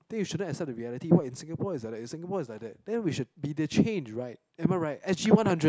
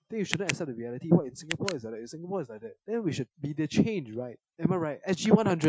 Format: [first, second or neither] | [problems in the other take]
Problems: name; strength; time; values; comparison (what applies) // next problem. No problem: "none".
first | noise reduction (classical method Wiener filter)